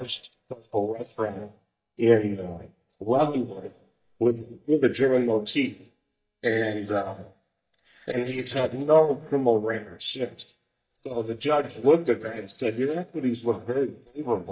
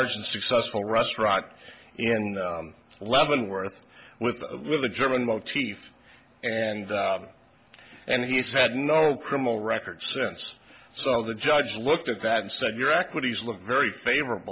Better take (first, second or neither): second